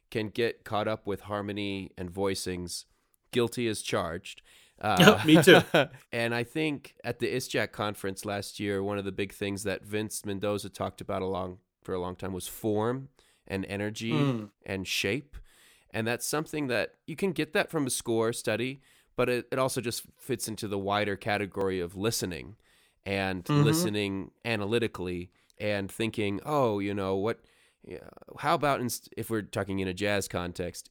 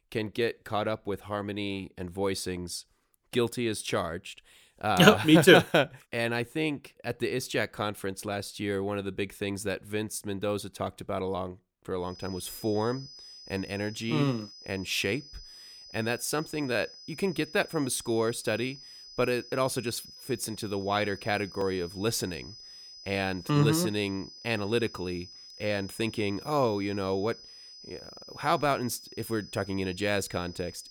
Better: first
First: none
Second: high-pitched whine; noticeable; from 12 s on; 5 kHz, 15 dB below the speech

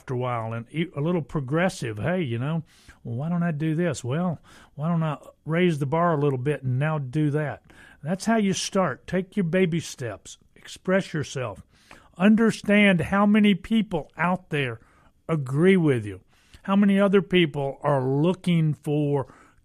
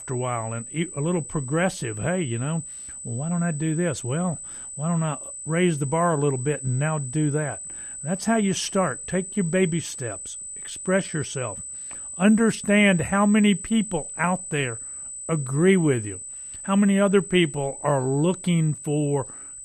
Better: first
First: none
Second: high-pitched whine; loud; throughout; 8 kHz, 10 dB below the speech

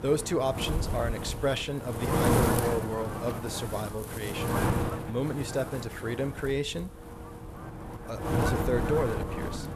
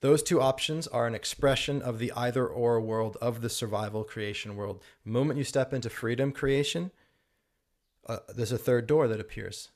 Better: second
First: wind noise on the microphone; heavy; 1 dB below the speech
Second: none

